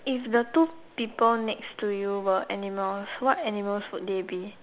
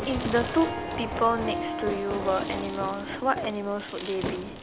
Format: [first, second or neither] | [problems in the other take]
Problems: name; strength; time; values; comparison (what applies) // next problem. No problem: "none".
first | background sound (Harp + Fireworks); 4 dB below the speech